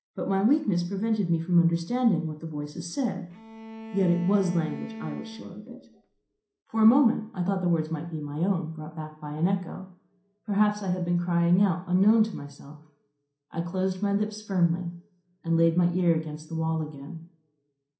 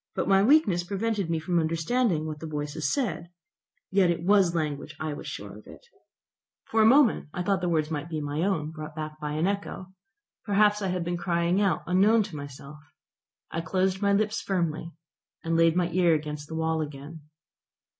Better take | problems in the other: second | background sound (Bowed string instrument); 14 dB below the speech // room echo; dies away in 0.5 s

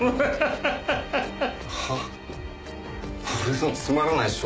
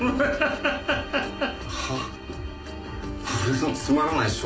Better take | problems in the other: first | room echo; dies away in 0.2 s

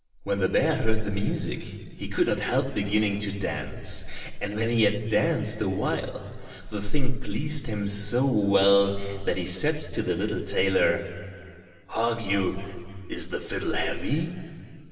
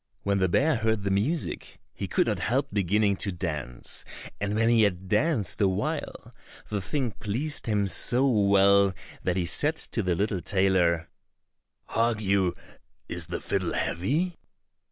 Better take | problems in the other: second | room echo; dies away in 2.2 s

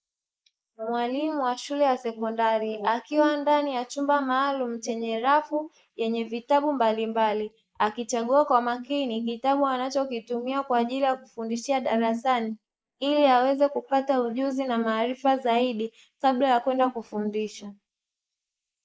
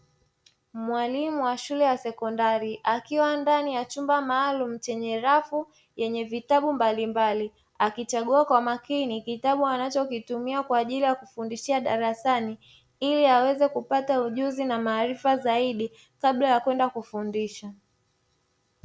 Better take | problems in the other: second | noise reduction (neural mask model Resemble Enhance denoiser)

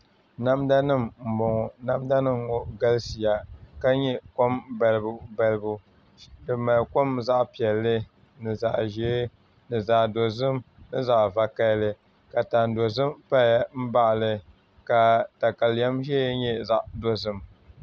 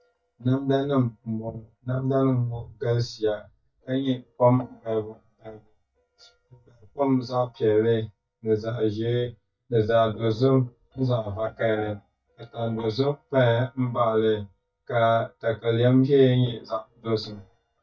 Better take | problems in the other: first | noise reduction (neural mask model DeepFilterNet 3)

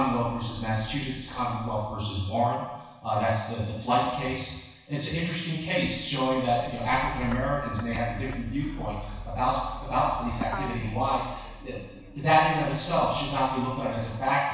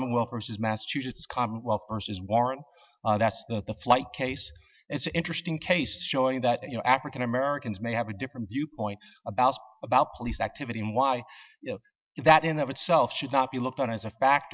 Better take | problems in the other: second | background sound (Motor vehicle (road)); 13 dB below the speech // room echo; dies away in 1.1 s

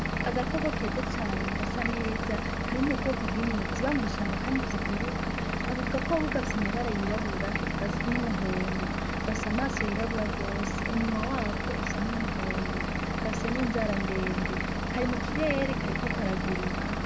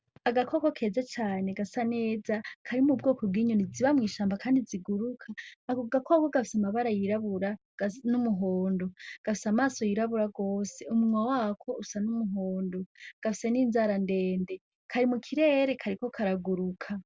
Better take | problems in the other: second | background sound (Engine / Vehicle); 3 dB above the speech

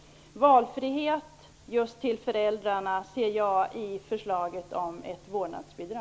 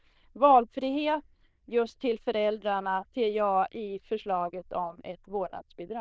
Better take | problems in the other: first | noise reduction (neural diffusion model UNIVERSE++)

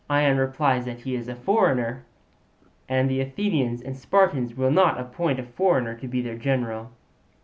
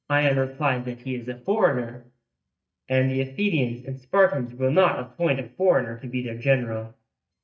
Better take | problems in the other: first | noise reduction (neural mask model DeepFilterNet 3)

